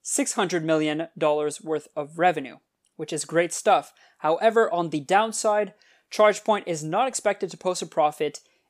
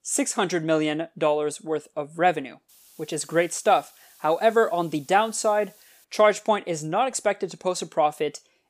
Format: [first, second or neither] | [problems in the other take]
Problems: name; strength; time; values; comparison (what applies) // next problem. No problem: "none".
first | hiss; faint; from 2.5 to 6 s; 30 dB below the speech